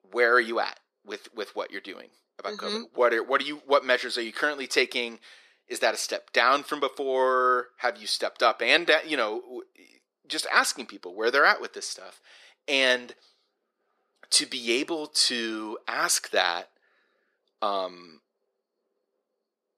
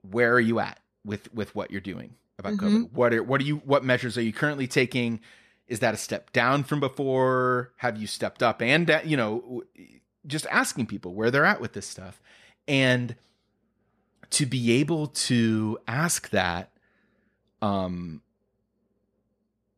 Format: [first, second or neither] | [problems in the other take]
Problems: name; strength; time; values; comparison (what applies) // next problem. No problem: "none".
second | thin; very; fading below 350 Hz